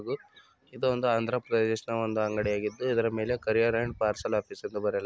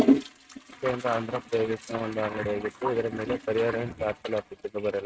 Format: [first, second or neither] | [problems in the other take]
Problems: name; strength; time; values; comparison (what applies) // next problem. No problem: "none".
first | noise reduction (neural mask model RNNoise)